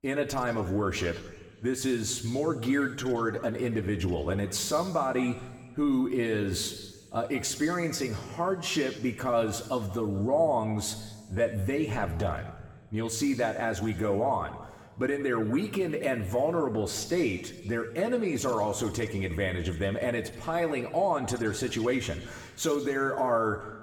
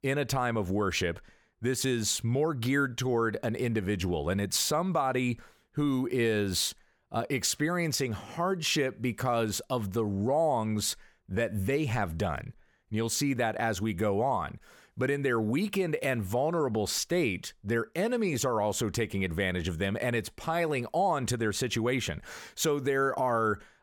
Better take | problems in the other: second | room echo; slight; dies away in 1.4 s // off-mic speech; somewhat distant

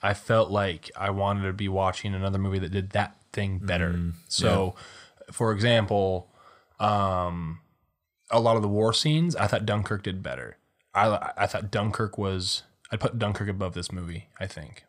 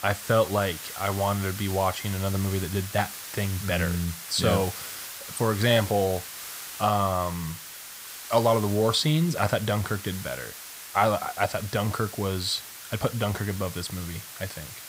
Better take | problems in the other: first | hiss; noticeable; throughout; 10 dB below the speech

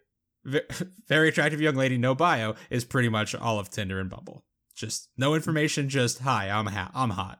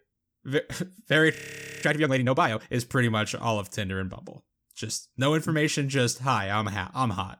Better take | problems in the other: first | audio freezing; at 1.5 s

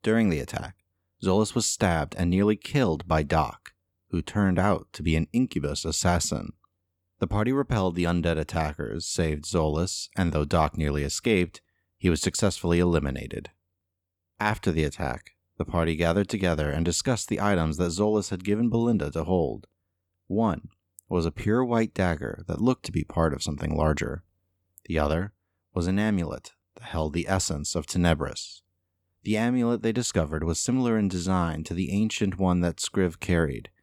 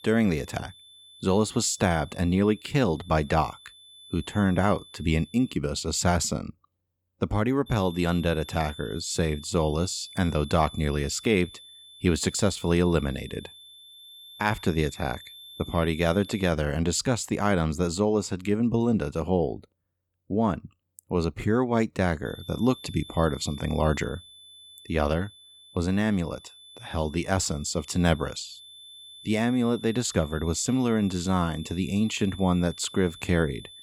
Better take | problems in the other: first | high-pitched whine; noticeable; until 5.5 s, from 7.5 to 17 s and from 22 s on; 3.5 kHz, 20 dB below the speech

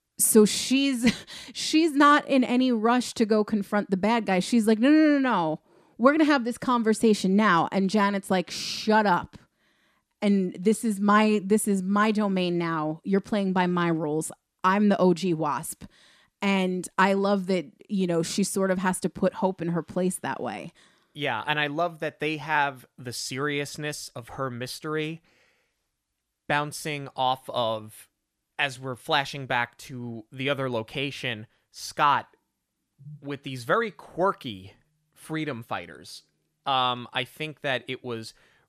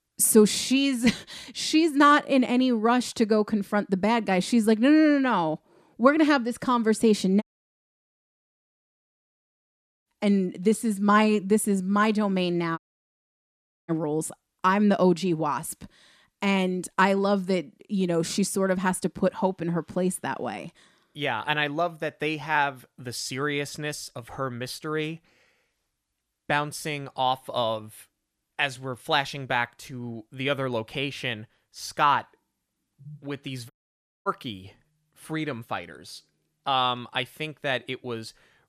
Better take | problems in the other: first | audio cutting out; at 7.5 s for 2.5 s, at 13 s for 1 s and at 34 s for 0.5 s

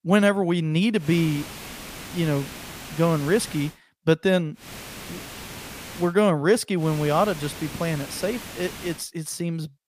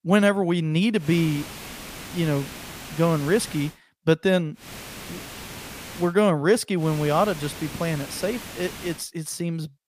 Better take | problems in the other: neither | hiss; noticeable; from 1 to 3.5 s, from 4.5 to 6 s and from 7 to 9 s; 15 dB below the speech; the same in both

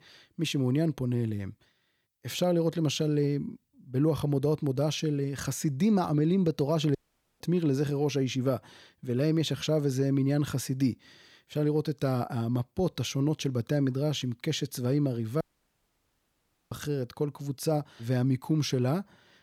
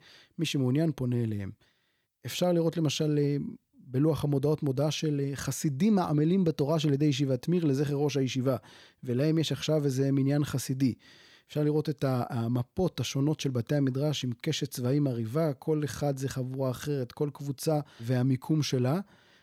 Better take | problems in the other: second | audio cutting out; at 7 s and at 15 s for 1.5 s

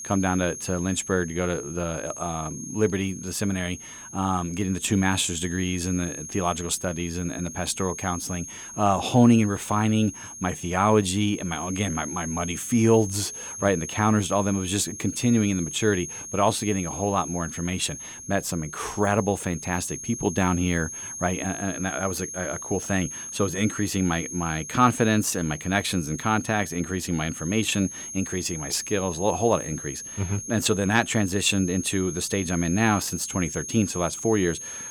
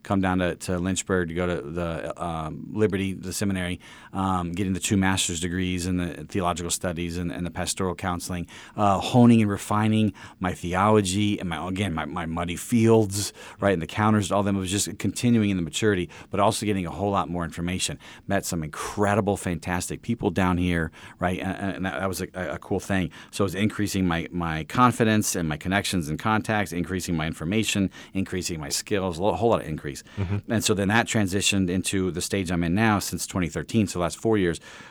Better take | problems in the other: second | high-pitched whine; loud; throughout; 6.5 kHz, 9 dB below the speech

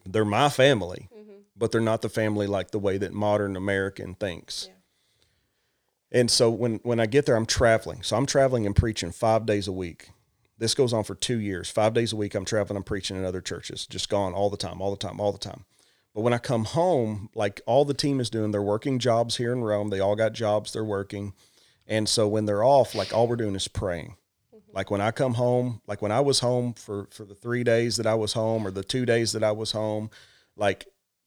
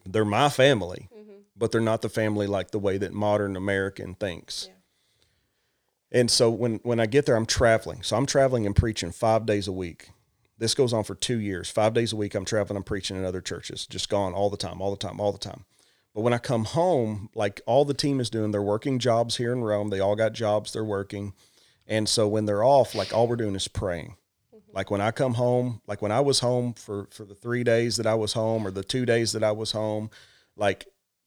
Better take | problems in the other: neither | none

